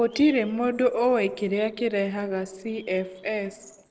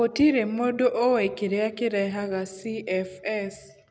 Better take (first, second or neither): second